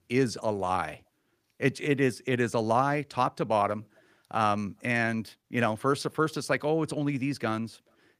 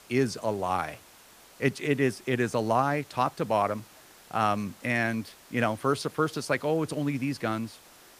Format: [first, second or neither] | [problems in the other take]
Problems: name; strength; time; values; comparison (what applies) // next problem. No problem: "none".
first | hiss; faint; throughout; 25 dB below the speech